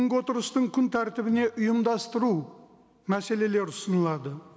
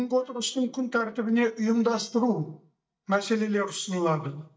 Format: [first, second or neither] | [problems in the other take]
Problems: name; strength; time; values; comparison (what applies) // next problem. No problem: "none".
first | noise reduction (neural mask model DeepFilterNet 3)